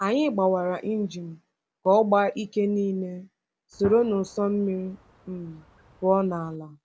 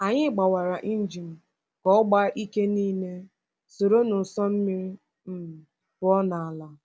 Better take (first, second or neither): second